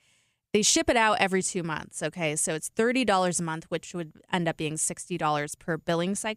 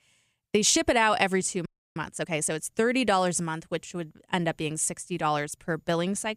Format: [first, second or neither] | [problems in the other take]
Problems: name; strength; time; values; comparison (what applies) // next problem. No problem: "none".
first | audio freezing; at 1.5 s